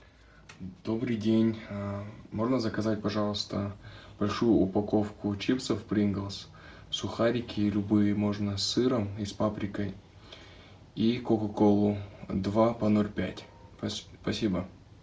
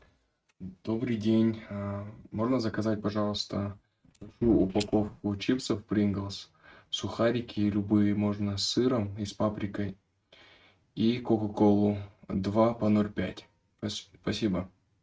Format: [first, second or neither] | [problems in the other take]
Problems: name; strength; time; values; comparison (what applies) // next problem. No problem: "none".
first | noise reduction (neural mask model RNNoise)